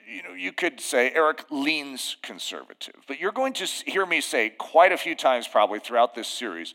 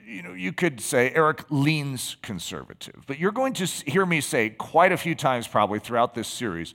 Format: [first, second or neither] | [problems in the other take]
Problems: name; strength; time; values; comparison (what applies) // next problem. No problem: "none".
second | thin; somewhat; fading below 250 Hz